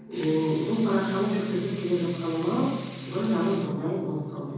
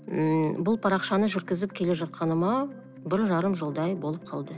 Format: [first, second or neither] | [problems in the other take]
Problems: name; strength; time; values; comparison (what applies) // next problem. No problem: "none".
second | background sound (Sink (filling or washing) / Water tap, faucet / Liquid); 20 dB below the speech // room echo; dies away in 1.3 s